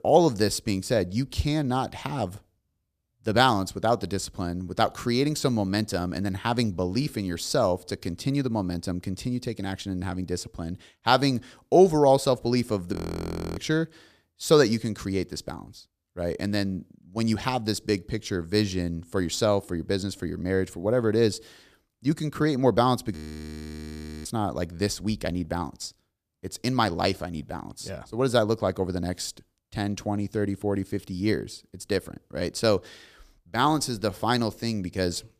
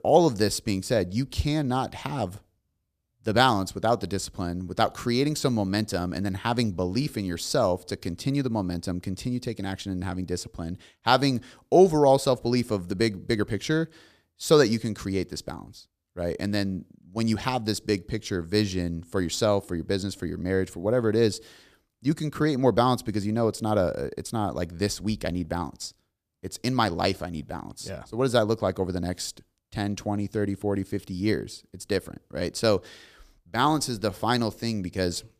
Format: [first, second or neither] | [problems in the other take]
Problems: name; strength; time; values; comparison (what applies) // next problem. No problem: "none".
second | audio freezing; at 13 s for 0.5 s and at 23 s for 1 s